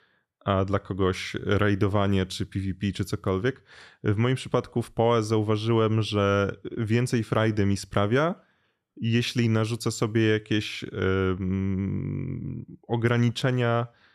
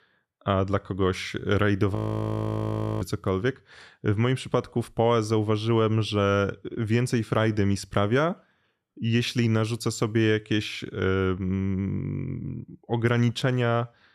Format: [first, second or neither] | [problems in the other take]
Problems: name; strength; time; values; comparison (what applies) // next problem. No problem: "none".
first | audio freezing; at 2 s for 1 s